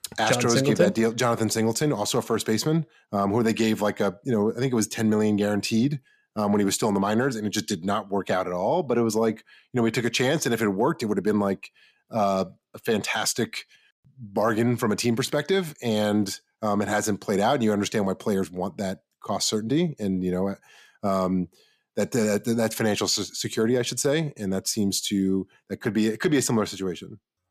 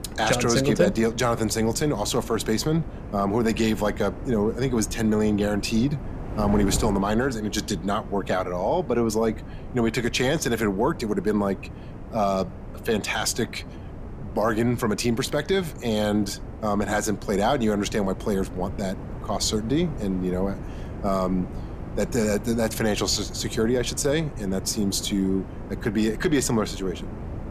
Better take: first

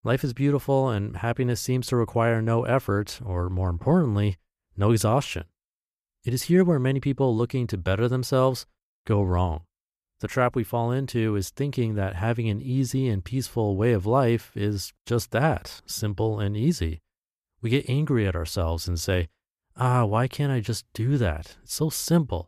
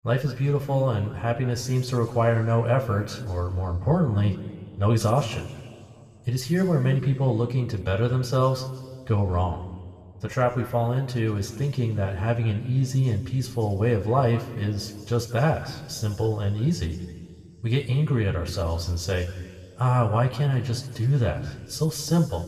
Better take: first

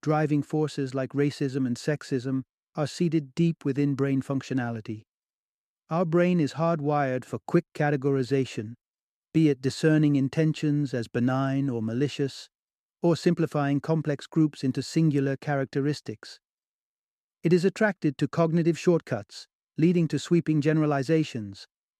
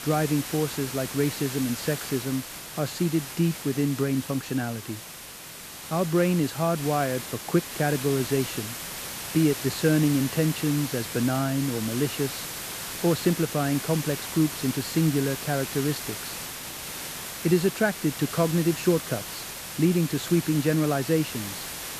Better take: first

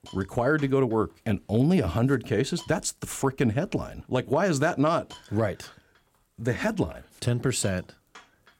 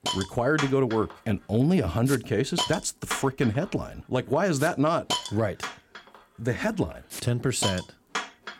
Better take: first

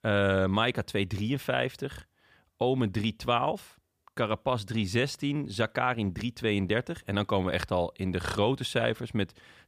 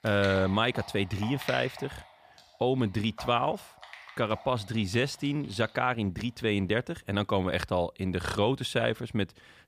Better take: first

